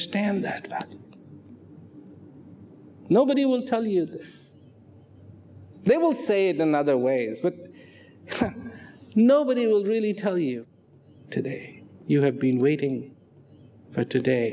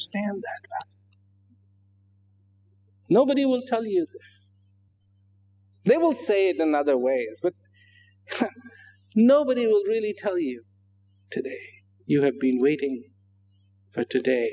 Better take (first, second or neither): first